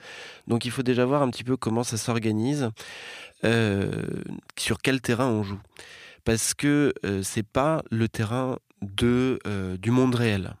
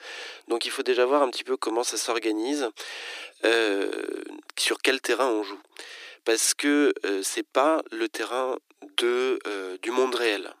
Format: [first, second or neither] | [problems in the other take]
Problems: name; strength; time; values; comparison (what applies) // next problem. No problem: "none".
first | thin; somewhat; fading below 300 Hz